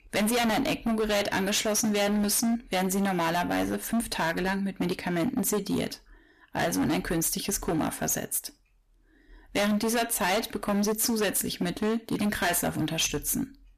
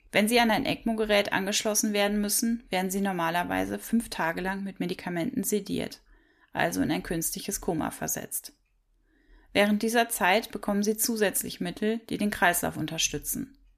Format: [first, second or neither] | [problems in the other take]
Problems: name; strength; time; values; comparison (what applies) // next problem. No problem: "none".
second | distortion; heavy; 19% of the sound clipped